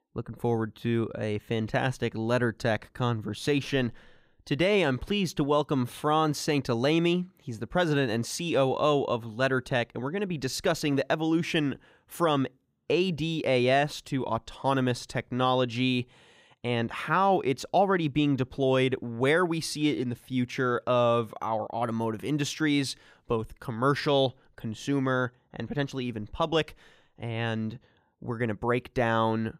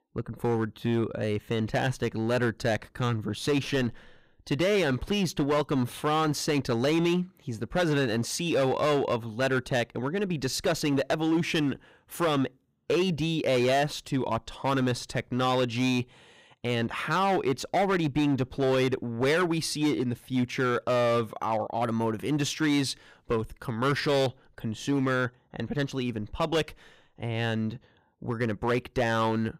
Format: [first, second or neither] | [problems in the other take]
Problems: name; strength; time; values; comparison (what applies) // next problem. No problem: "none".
first | distortion; slight; 8% of the sound clipped